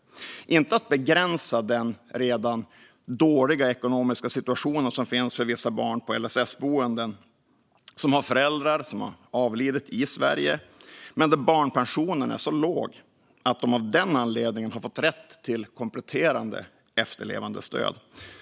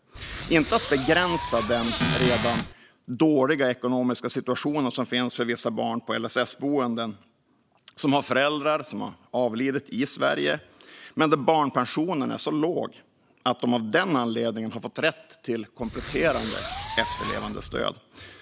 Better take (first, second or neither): first